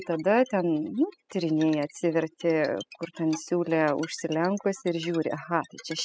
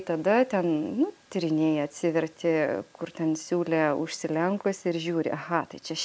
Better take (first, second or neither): second